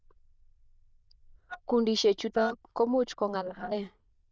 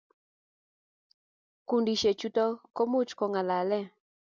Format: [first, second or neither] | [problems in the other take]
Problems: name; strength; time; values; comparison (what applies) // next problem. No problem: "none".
second | noise reduction (neural diffusion model UNIVERSE++)